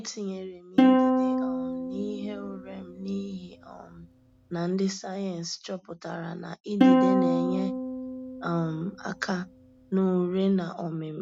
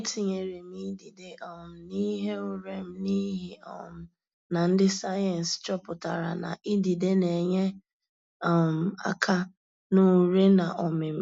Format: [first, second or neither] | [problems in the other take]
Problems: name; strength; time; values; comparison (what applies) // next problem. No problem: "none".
second | background sound (Plucked string instrument); 5 dB above the speech